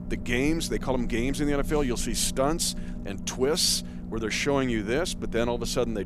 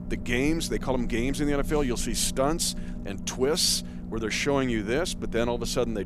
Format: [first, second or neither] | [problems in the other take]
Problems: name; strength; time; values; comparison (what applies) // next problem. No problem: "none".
neither | low rumble; noticeable; throughout; 15 dB below the speech; the same in both